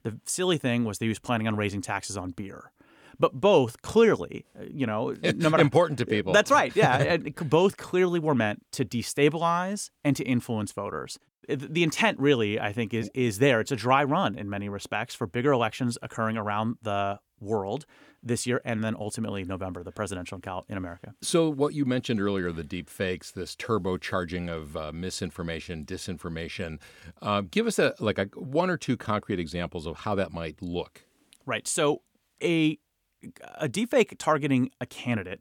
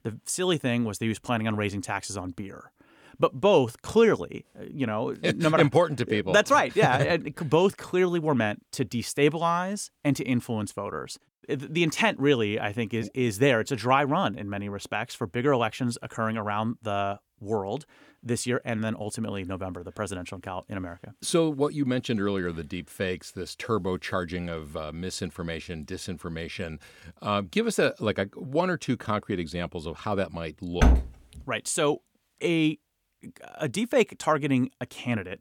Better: first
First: none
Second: door banging; loud; at 31 s; peak 5 dB above the speech

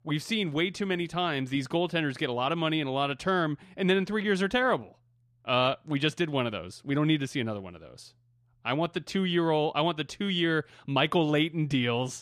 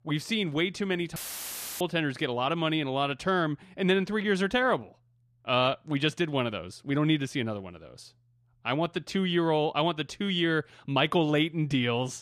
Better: first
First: none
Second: audio cutting out; filled with static; at 1 s for 0.5 s

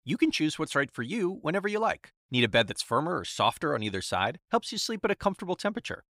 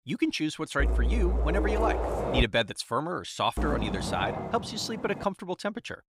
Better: first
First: none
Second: wind noise on the microphone; heavy; from 1 to 2.5 s and from 3.5 to 5 s; 4 dB below the speech

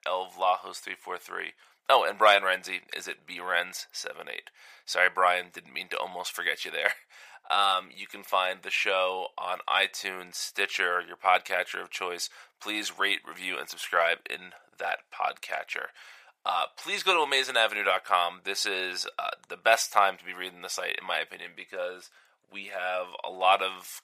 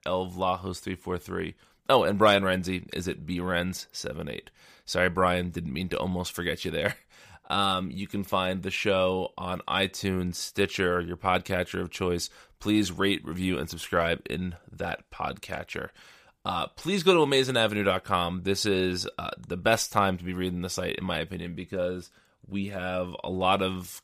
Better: second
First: thin; very; fading below 800 Hz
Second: none

